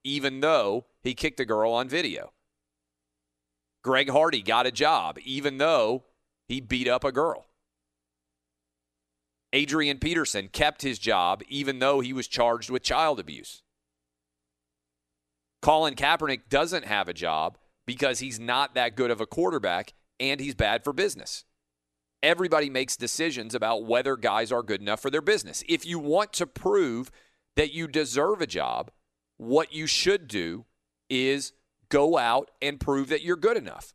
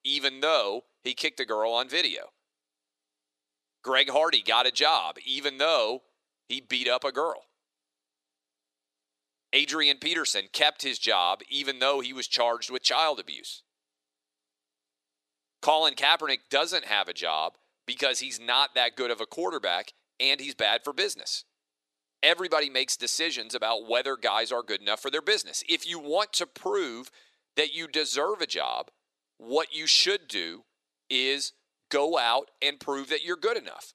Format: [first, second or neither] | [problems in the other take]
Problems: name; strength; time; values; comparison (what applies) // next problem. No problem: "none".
first | thin; somewhat; fading below 400 Hz